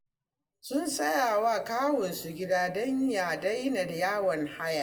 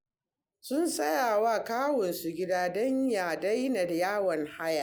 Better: second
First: room echo; dies away in 1.2 s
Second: none

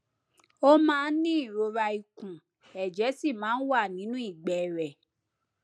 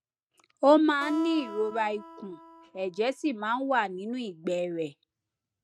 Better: first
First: none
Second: noise reduction (neural mask model RNNoise)

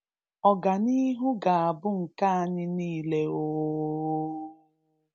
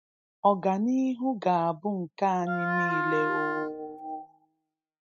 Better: first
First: none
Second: noise reduction (classical method spectral subtraction)

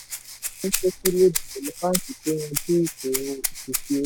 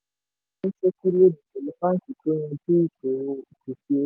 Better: second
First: background sound (Rattle (instrument)); 5 dB below the speech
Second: none

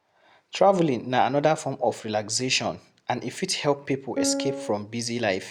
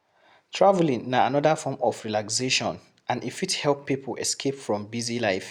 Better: second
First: background sound (Piano); 2 dB below the speech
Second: none

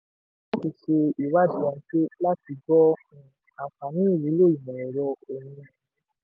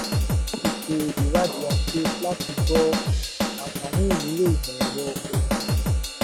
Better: first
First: none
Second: background sound (Drum / Drum kit); 4 dB above the speech

